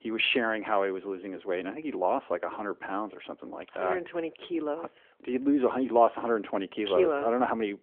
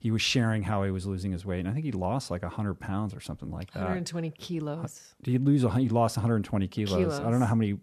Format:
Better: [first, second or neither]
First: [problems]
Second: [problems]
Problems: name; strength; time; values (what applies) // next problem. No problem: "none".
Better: second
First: phone-call audio; nothing above 3.5 kHz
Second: none